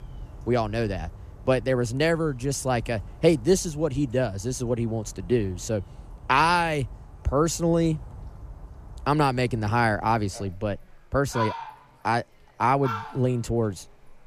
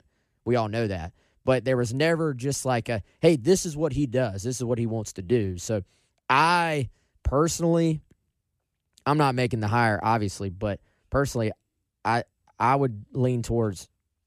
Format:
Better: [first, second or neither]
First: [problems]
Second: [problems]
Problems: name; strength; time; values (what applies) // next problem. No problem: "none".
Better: second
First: animal sounds; noticeable; throughout; 15 dB below the speech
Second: none